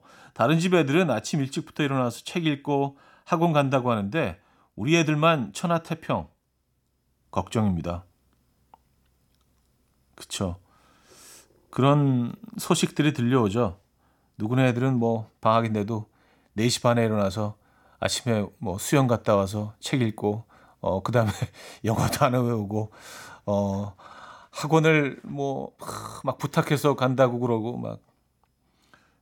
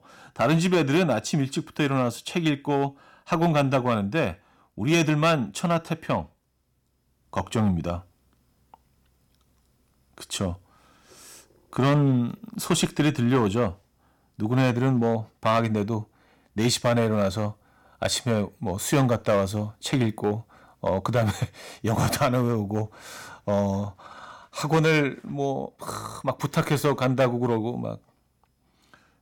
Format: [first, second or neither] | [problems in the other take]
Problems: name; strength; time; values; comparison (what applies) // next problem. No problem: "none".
first | distortion; slight; 3% of the sound clipped